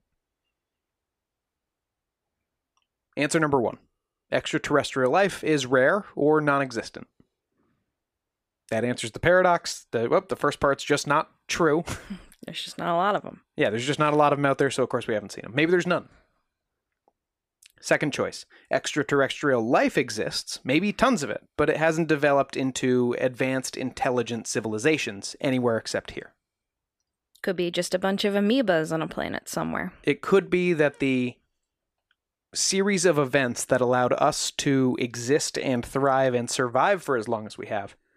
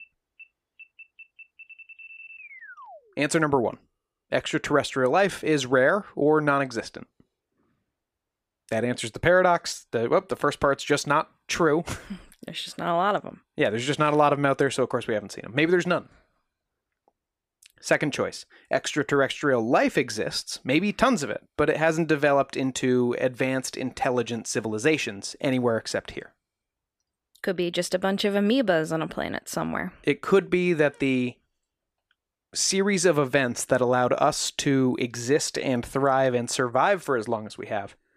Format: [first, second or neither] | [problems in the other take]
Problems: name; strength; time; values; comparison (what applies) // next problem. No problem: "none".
first | alarm; faint; until 3 s; peak 15 dB below the speech